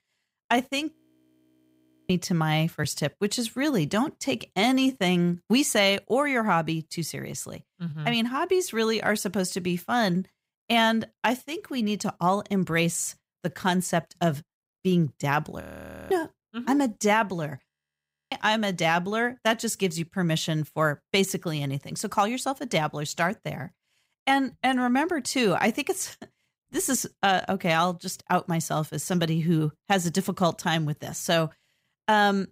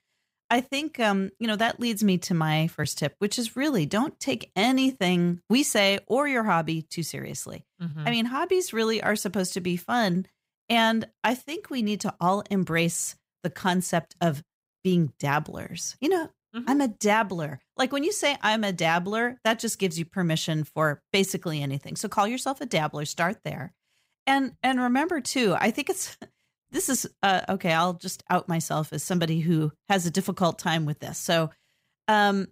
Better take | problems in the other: second | audio freezing; at 1 s for 1 s, at 16 s for 0.5 s and at 18 s for 0.5 s

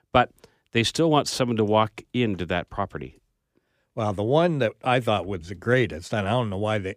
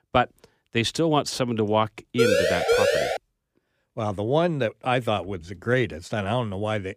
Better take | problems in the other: first | siren; loud; at 2 s; peak 5 dB above the speech

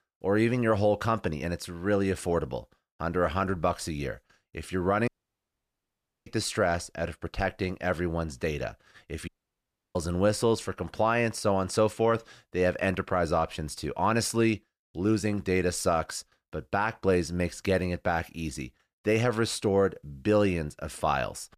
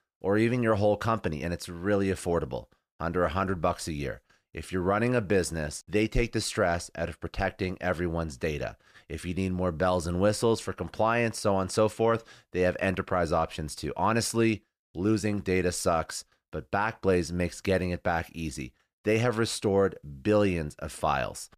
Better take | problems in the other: second | audio cutting out; at 5 s for 1 s and at 9.5 s for 0.5 s

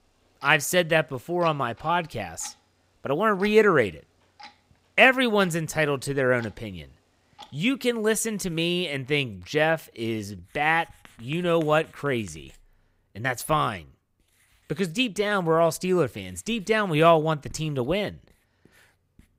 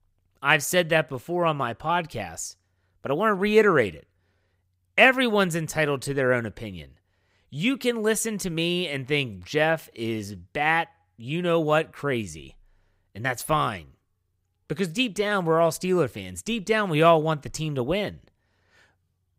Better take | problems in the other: second | household noises; faint; throughout; 30 dB below the speech

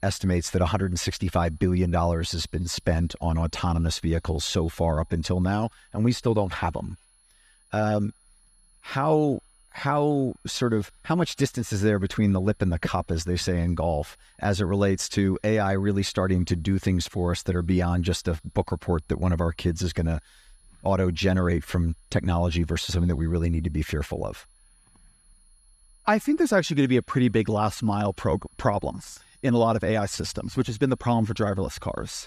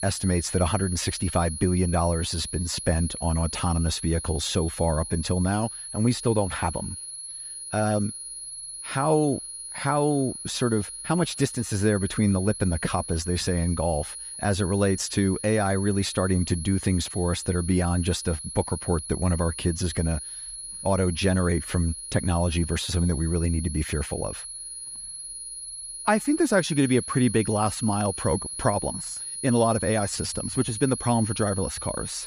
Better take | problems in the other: first | high-pitched whine; loud; throughout; 10.5 kHz, 8 dB below the speech; faint in the first

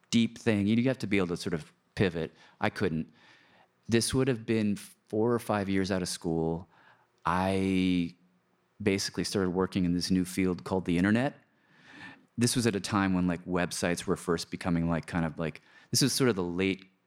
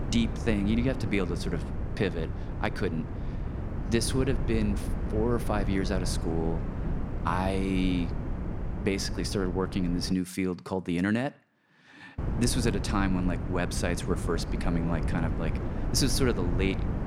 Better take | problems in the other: first | wind noise on the microphone; heavy; until 10 s and from 12 s on; 9 dB below the speech

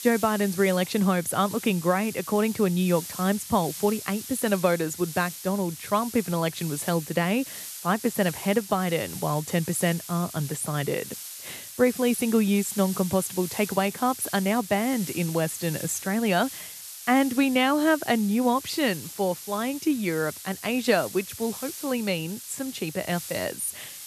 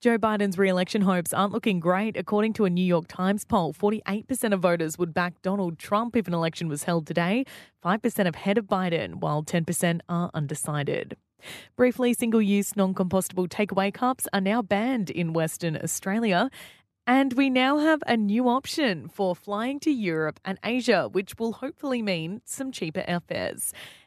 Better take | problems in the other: second | hiss; noticeable; throughout; 10 dB below the speech

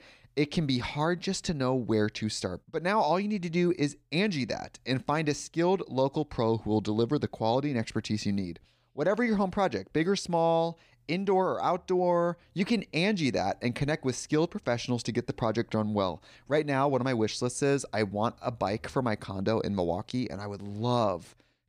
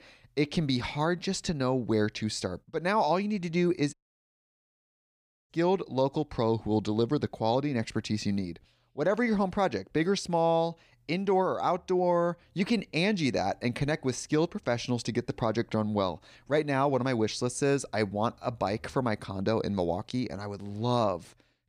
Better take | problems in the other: first | audio cutting out; at 4 s for 1.5 s

